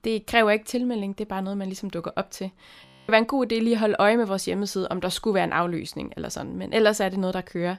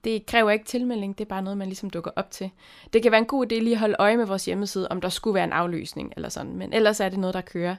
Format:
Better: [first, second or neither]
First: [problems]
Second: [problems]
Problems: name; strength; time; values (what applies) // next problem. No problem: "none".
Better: second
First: audio freezing; at 3 s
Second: none